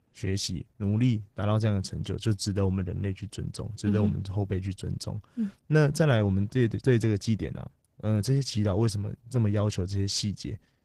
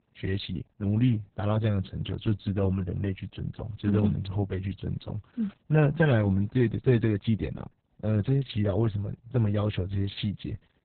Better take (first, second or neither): first